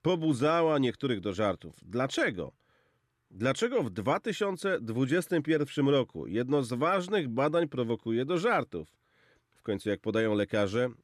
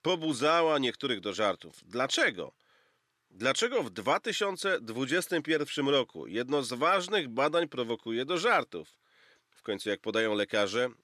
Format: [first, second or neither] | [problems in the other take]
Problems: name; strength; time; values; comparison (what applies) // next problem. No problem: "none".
first | thin; very slightly; fading below 550 Hz